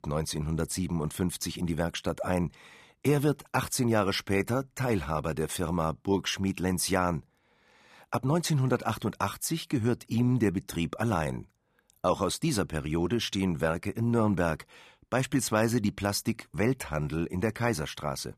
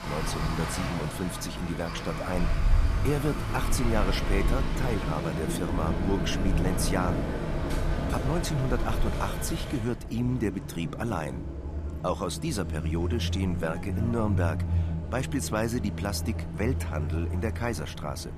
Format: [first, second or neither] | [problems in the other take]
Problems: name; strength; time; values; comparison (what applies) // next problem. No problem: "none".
first | traffic noise; loud; throughout; as loud as the speech